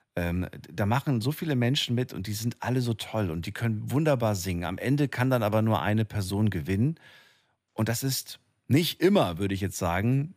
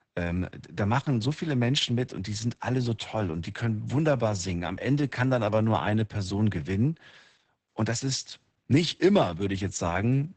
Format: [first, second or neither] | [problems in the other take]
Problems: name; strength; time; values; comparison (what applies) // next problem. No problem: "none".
first | garbled, watery; badly; nothing above 8 kHz